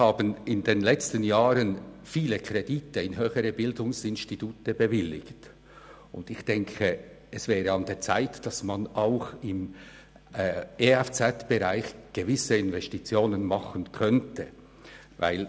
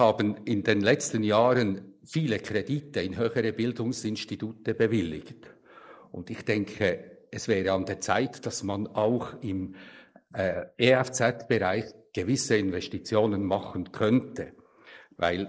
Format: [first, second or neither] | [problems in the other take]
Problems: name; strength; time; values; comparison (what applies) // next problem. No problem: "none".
first | noise reduction (neural mask model Resemble Enhance denoiser)